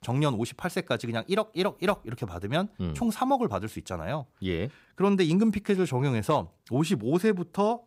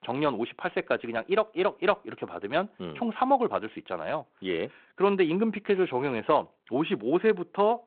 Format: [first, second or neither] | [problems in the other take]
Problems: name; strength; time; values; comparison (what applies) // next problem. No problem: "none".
first | phone-call audio; nothing above 4 kHz